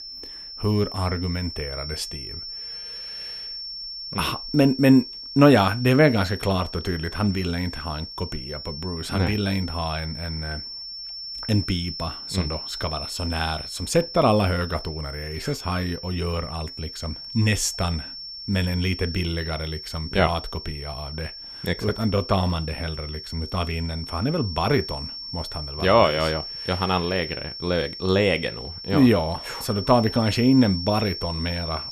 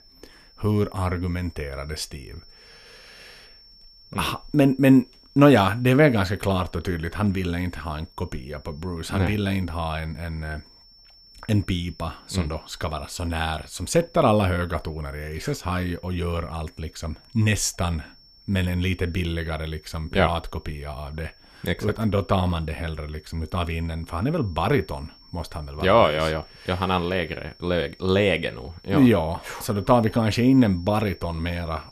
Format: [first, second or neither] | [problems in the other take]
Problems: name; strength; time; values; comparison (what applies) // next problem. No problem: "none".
second | high-pitched whine; loud; throughout; 5.5 kHz, 9 dB below the speech; faint in the second